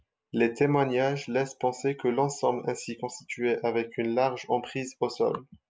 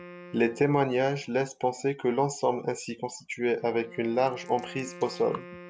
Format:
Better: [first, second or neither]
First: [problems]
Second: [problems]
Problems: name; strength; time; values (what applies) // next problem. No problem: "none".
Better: first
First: none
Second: background sound (Coin (dropping) + Wind instrument, woodwind instrument); 20 dB below the speech